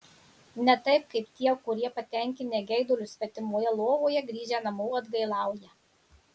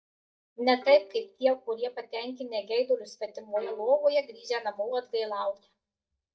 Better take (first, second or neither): first